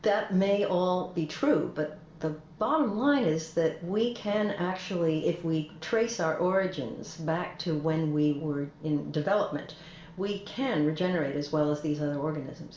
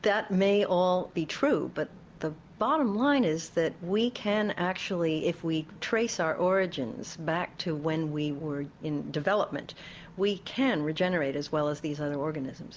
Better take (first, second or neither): second